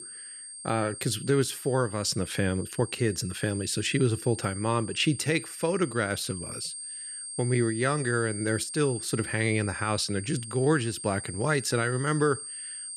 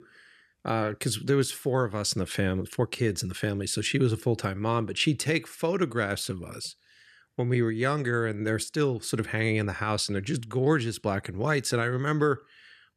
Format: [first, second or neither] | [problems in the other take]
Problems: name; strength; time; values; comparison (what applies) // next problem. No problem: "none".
second | high-pitched whine; loud; throughout; 8.5 kHz, 9 dB below the speech